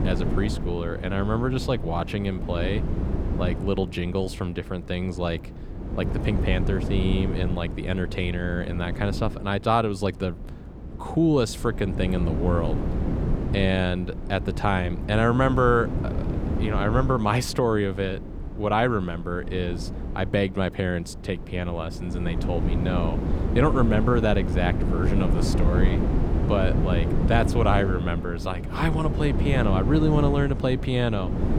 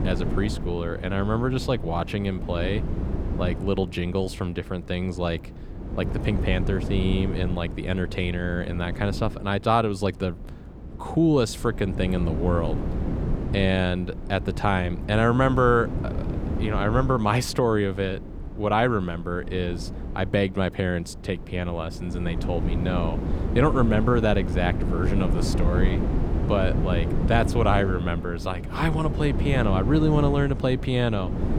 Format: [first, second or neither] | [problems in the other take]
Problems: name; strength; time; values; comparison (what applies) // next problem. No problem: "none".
second | wind noise on the microphone; heavy; 8 dB below the speech; occasional gusts in the second